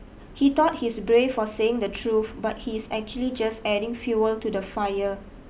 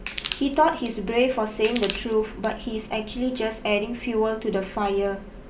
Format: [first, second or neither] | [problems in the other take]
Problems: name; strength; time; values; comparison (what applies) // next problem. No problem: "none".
first | background sound (Crushing); 13 dB below the speech // room echo; dies away in 0.8 s